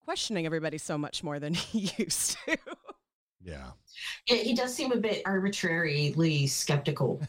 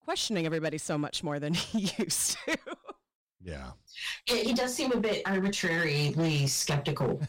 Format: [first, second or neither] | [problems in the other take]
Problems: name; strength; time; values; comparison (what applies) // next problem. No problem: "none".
first | distortion; slight; 10% of the sound clipped